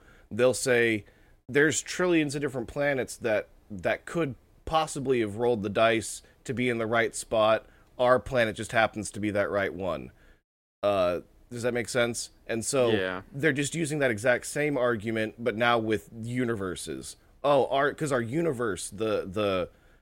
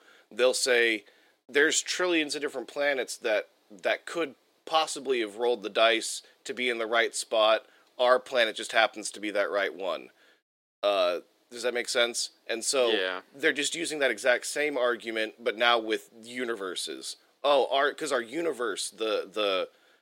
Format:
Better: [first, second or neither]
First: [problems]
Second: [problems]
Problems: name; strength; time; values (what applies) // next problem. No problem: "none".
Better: first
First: none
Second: thin; somewhat; fading below 350 Hz